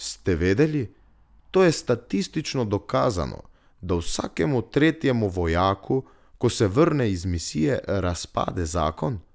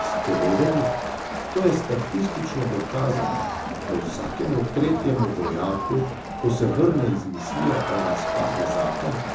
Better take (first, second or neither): first